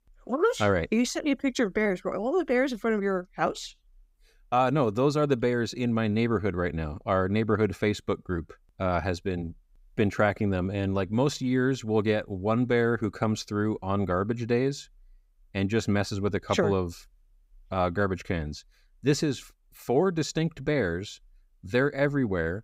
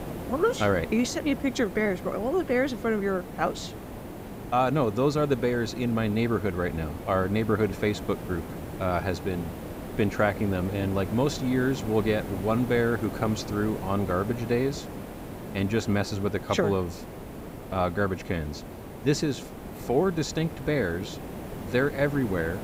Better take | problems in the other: first | hiss; noticeable; throughout; 10 dB below the speech

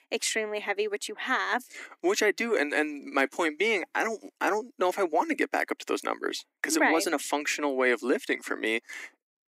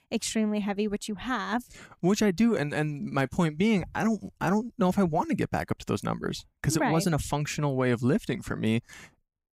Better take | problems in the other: second | thin; somewhat; fading below 300 Hz

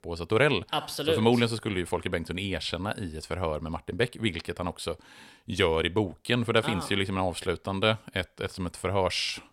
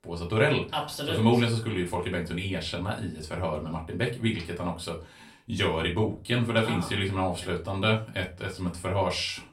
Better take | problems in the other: first | off-mic speech; far // room echo; very slight; dies away in 0.2 s

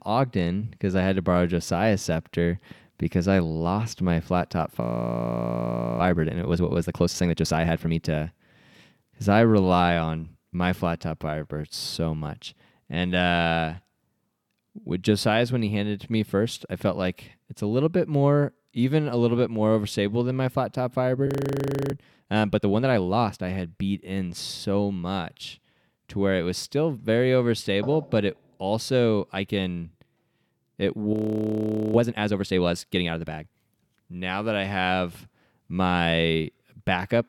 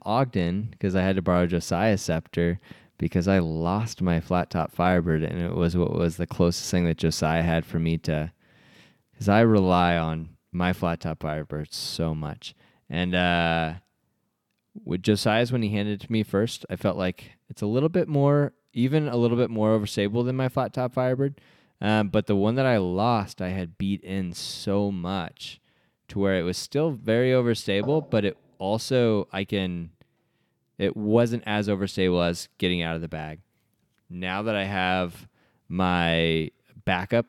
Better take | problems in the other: second | audio freezing; at 5 s for 1 s, at 21 s for 0.5 s and at 31 s for 1 s

